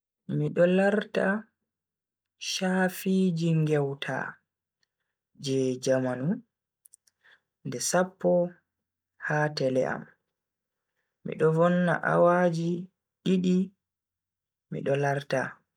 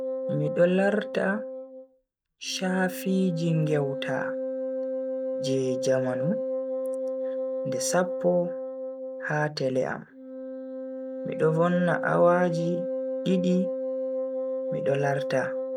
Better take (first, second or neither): first